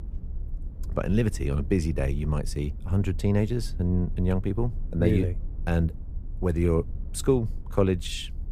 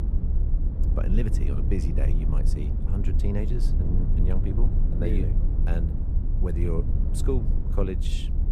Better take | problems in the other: first | low rumble; loud; throughout; 4 dB below the speech; faint in the first

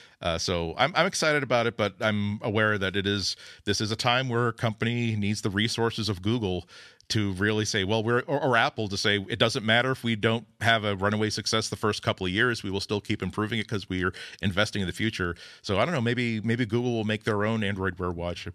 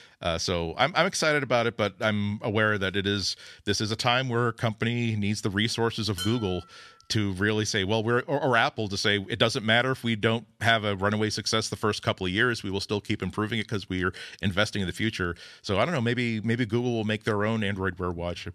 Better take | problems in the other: first | clattering dishes; noticeable; at 6 s; peak 8 dB below the speech

